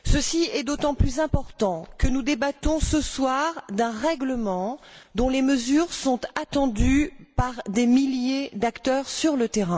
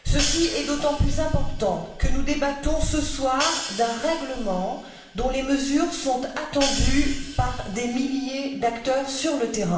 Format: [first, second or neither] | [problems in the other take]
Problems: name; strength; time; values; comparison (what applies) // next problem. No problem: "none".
first | background sound (Hi-hat); 12 dB below the speech // room echo; dies away in 0.8 s